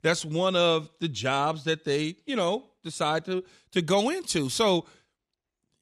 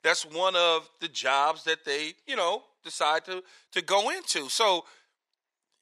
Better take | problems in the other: first | thin; very; fading below 650 Hz

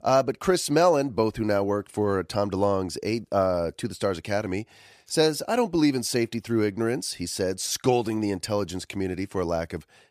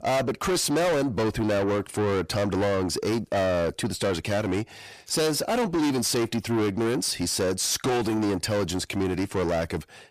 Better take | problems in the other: first | distortion; heavy; 6 dB below the speech

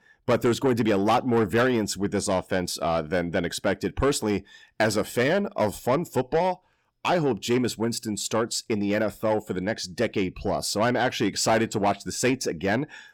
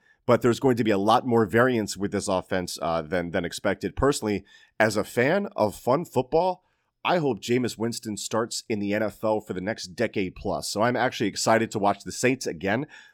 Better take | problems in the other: second | distortion; slight; 10 dB below the speech

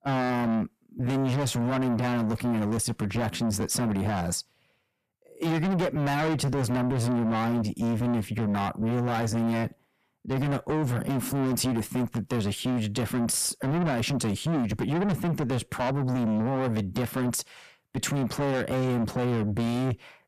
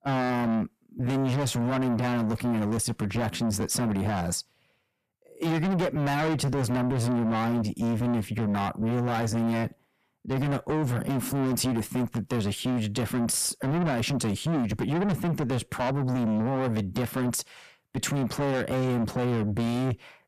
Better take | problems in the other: neither | distortion; heavy; 5 dB below the speech; the same in both

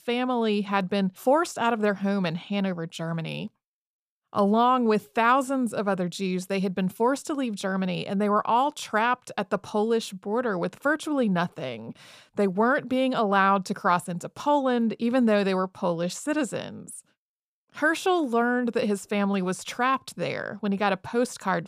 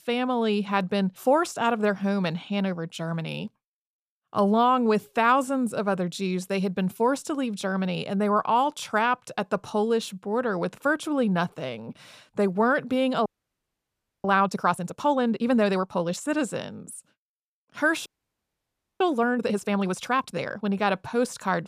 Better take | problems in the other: first | audio freezing; at 13 s for 1 s and at 18 s for 1 s

